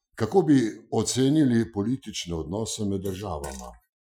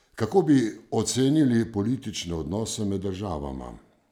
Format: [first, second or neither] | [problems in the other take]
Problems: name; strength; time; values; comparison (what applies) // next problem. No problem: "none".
second | noise reduction (classical method Wiener filter)